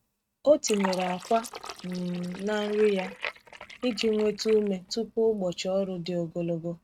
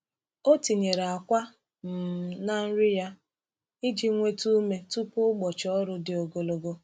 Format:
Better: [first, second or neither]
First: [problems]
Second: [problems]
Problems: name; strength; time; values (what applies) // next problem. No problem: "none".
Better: second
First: noise reduction (neural mask model RNNoise)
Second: none